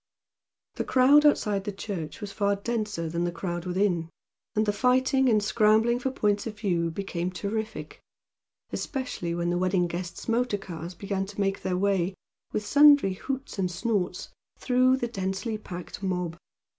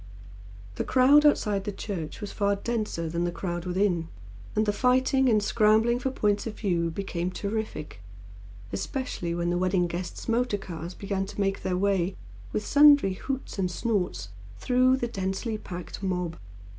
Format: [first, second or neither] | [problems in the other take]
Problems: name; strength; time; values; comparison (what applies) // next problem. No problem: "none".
first | background sound (Mechanical fan); 12 dB below the speech